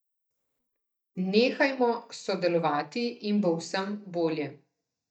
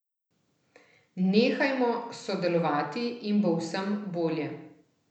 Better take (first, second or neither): second